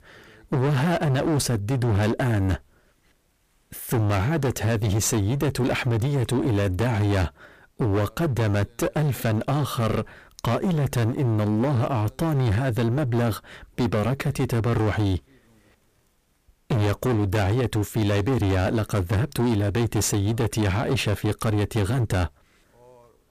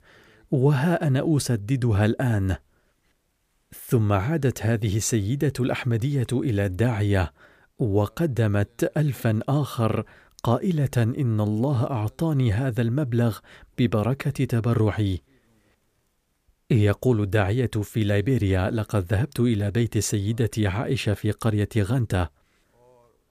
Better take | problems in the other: second | distortion; heavy; 29% of the sound clipped

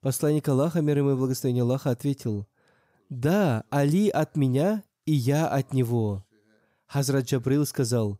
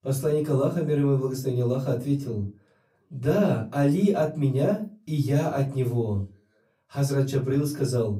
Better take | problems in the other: first | off-mic speech; far // room echo; very slight; dies away in 0.3 s

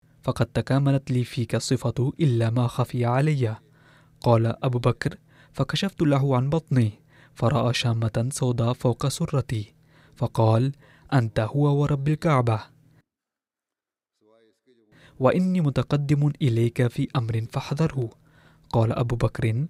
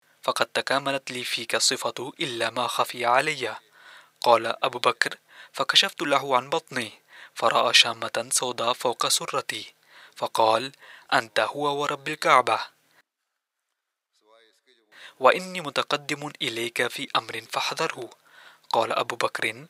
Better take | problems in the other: first | thin; very; fading below 800 Hz

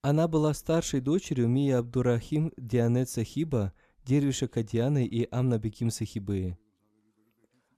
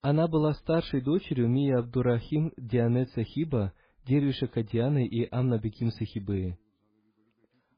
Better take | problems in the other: first | garbled, watery; badly; nothing above 11.5 kHz

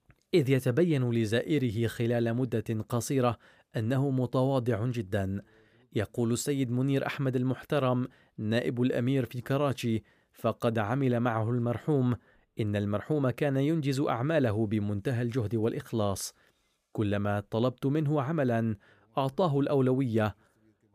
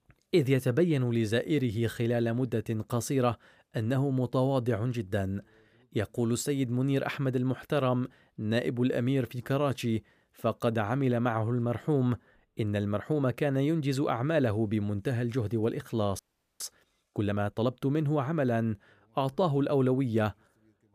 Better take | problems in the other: first | audio freezing; at 16 s

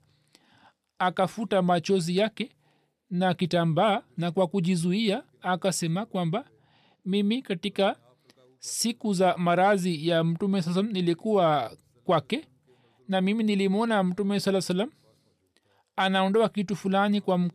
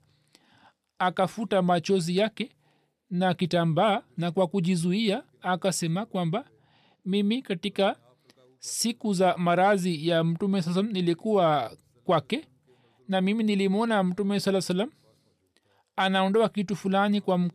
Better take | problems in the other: neither | none

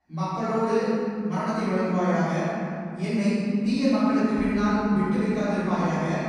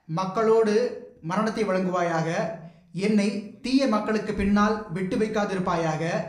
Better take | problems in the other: second | room echo; strong; dies away in 3 s; slight in the second // off-mic speech; far

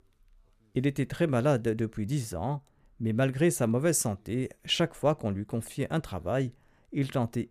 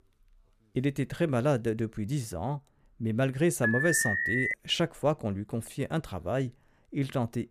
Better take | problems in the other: first | alarm; loud; at 3.5 s; peak 3 dB above the speech

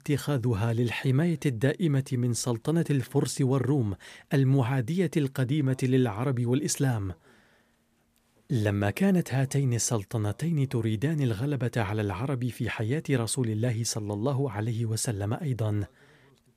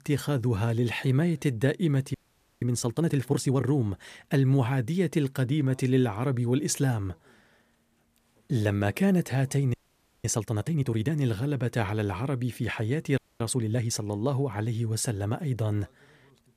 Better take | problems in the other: first | audio freezing; at 2 s, at 9.5 s for 0.5 s and at 13 s

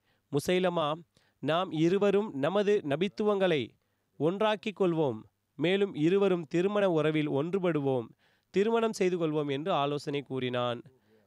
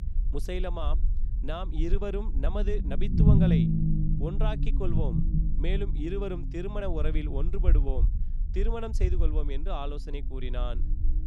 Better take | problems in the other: first | low rumble; loud; throughout; 2 dB below the speech

